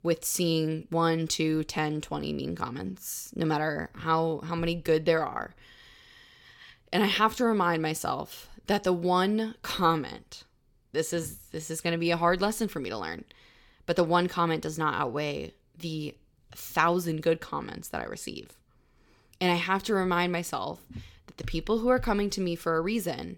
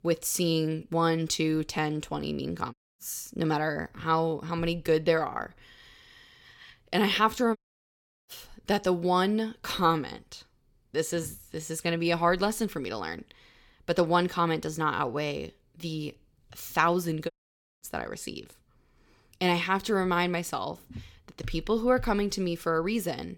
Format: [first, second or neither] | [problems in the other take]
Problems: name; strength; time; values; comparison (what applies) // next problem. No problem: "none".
first | audio cutting out; at 2.5 s, at 7.5 s for 0.5 s and at 17 s for 0.5 s